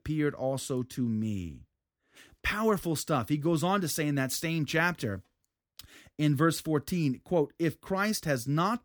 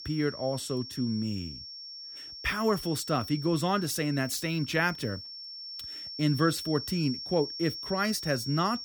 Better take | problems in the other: first | high-pitched whine; loud; throughout; 5.5 kHz, 9 dB below the speech

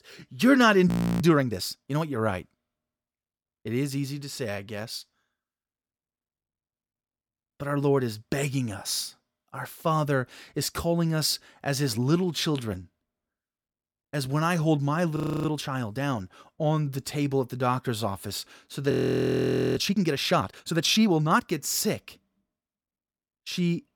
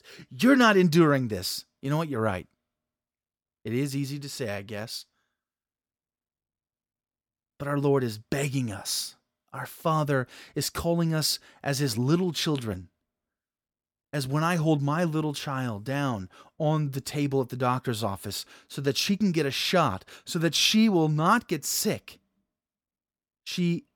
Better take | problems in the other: second | audio freezing; at 1 s, at 15 s and at 19 s for 1 s

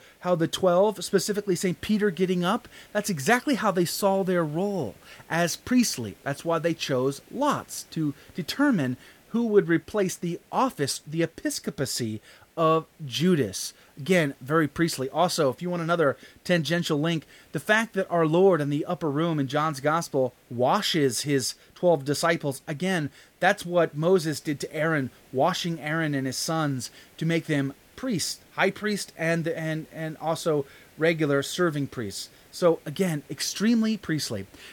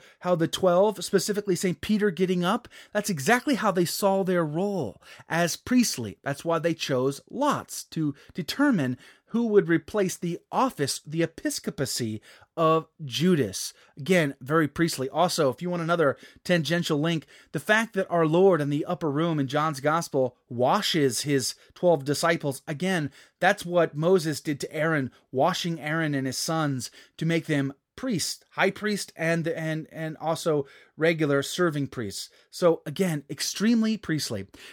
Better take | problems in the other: second | hiss; faint; throughout; 30 dB below the speech

